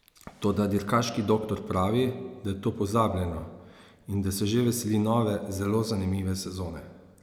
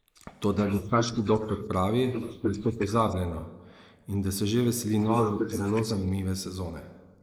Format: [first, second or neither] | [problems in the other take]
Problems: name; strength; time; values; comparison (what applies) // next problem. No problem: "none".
first | noise reduction (neural mask model Resemble Enhance denoiser)